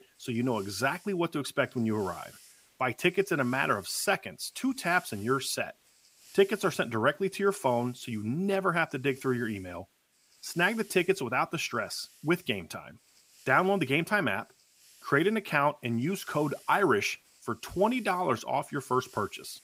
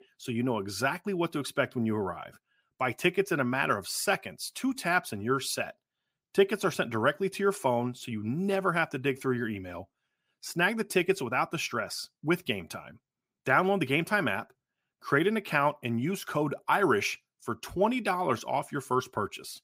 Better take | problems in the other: second | hiss; faint; throughout; 25 dB below the speech

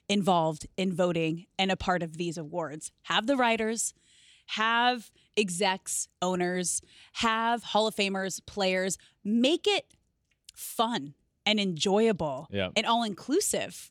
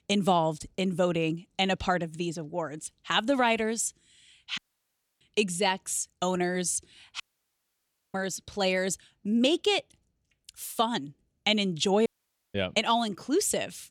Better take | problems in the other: first | audio cutting out; at 4.5 s for 0.5 s, at 7 s for 1 s and at 12 s

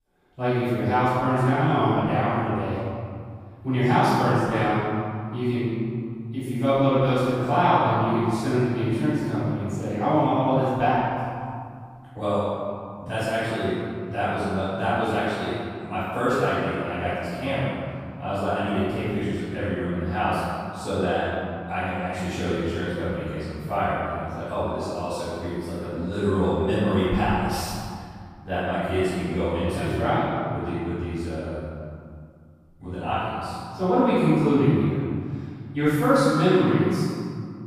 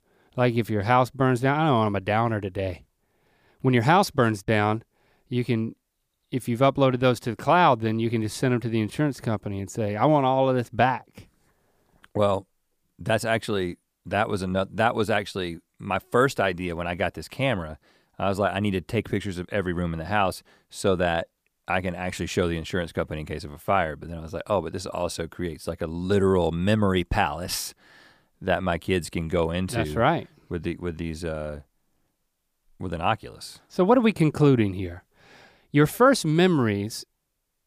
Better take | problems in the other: second | off-mic speech; far // room echo; strong; dies away in 2.1 s

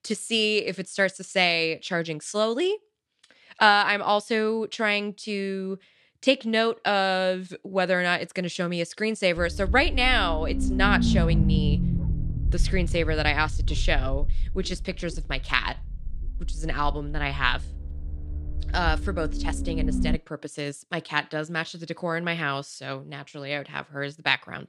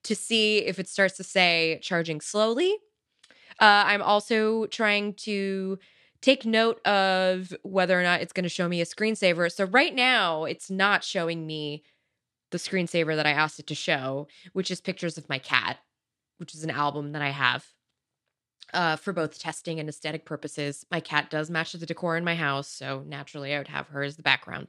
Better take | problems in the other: second | low rumble; noticeable; from 9.5 to 20 s; 10 dB below the speech

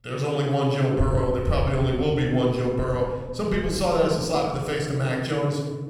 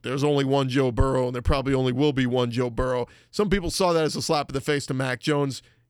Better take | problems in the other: second | off-mic speech; somewhat distant // room echo; noticeable; dies away in 1.6 s

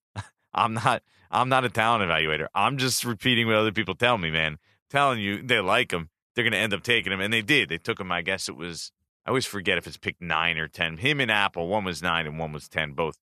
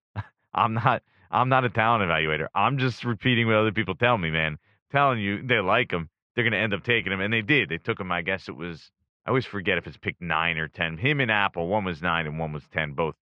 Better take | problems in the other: first | muffled; very; fading above 3 kHz

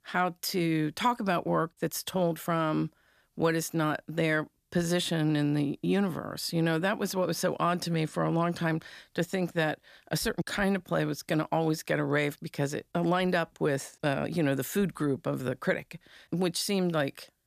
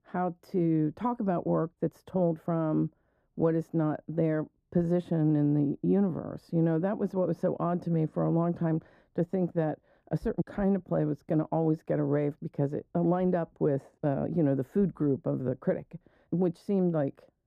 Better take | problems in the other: first | muffled; very; fading above 1.5 kHz

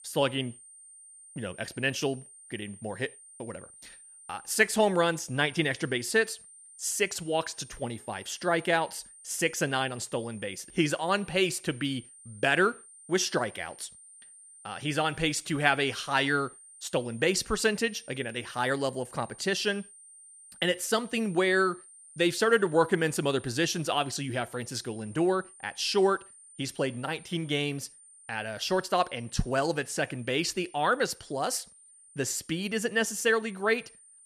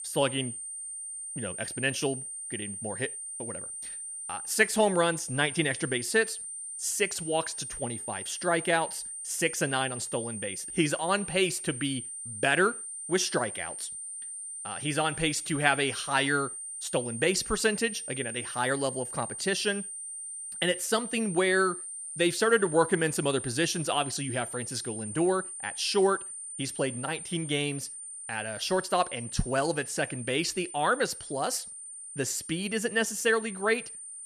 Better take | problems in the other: first | high-pitched whine; loud; throughout; 9 kHz, 8 dB below the speech; faint in the first

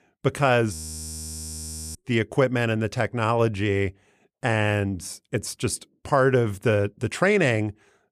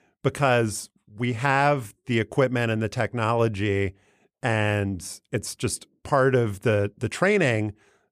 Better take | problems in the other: second | audio freezing; at 0.5 s for 1 s

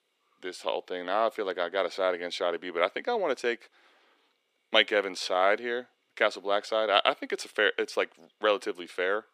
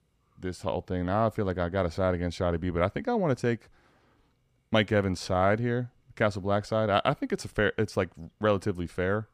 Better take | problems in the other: second | thin; very; fading below 350 Hz

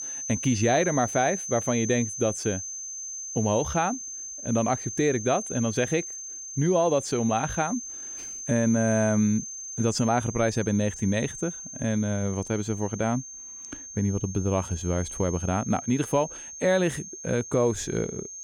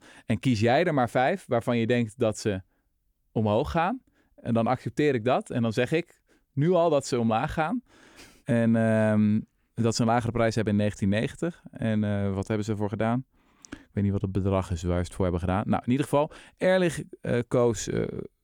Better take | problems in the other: second | high-pitched whine; loud; throughout; 6.5 kHz, 8 dB below the speech

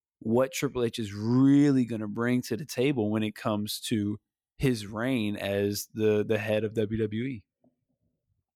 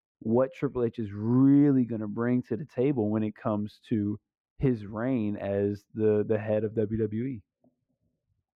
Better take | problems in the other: first | muffled; very; fading above 3 kHz

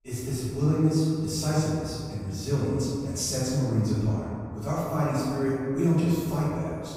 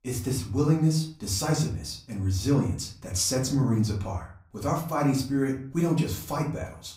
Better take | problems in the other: second | room echo; strong; dies away in 2.2 s; slight in the second // off-mic speech; far; far in the second

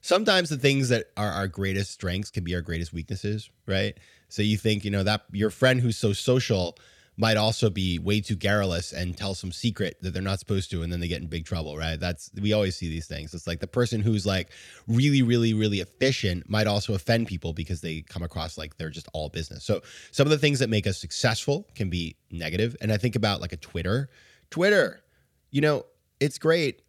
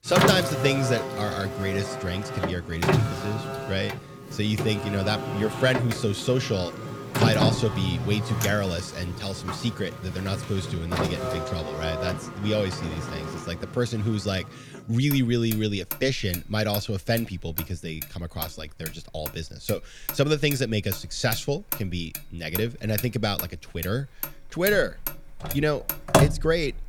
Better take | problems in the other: first | traffic noise; loud; throughout; 3 dB below the speech

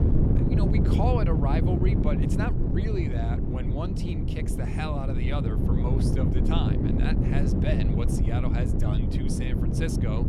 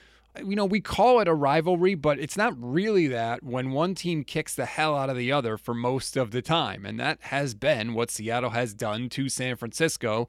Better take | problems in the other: second | wind noise on the microphone; heavy; 1 dB above the speech

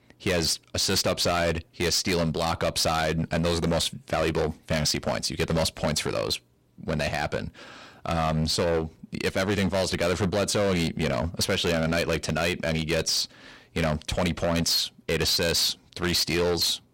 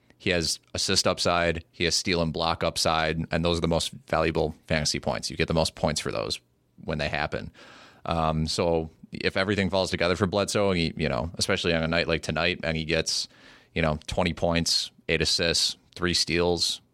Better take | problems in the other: second | distortion; heavy; 14% of the sound clipped

